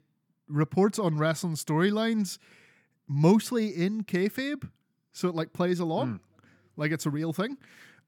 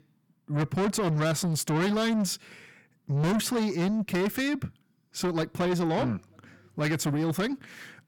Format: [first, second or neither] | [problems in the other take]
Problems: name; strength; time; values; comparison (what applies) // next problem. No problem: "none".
first | distortion; heavy; 6 dB below the speech